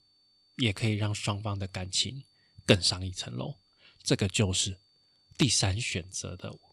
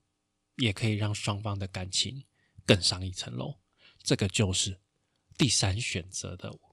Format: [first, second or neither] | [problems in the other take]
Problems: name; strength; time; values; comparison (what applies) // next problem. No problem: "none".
second | high-pitched whine; faint; throughout; 4.5 kHz, 35 dB below the speech